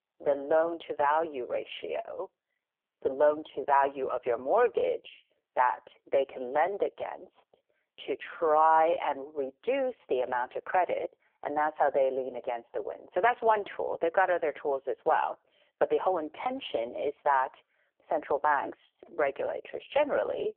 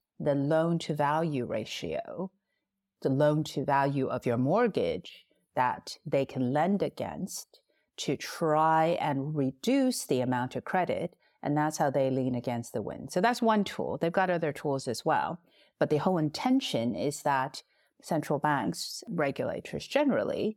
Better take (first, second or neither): second